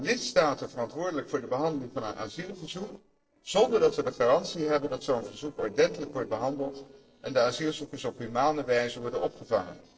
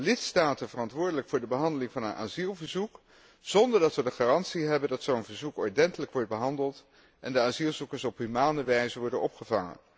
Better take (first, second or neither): second